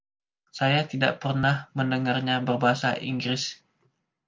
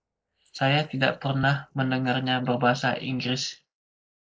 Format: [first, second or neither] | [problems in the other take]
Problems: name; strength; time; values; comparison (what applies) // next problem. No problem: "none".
first | noise reduction (neural mask model Resemble Enhance denoiser)